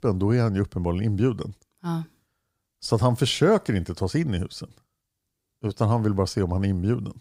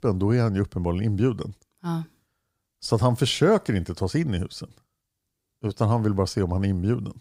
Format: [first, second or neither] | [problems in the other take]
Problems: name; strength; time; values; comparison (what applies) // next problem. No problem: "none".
neither | none